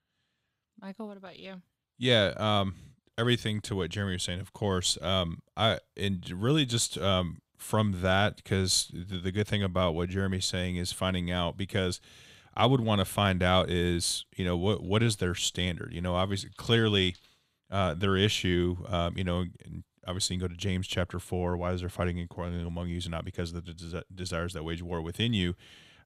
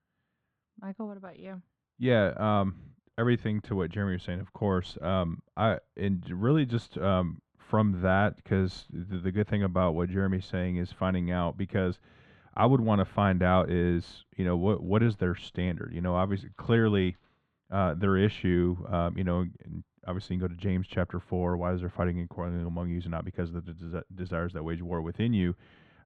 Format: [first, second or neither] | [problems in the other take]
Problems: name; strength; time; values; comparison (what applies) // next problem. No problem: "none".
first | muffled; very; fading above 1.5 kHz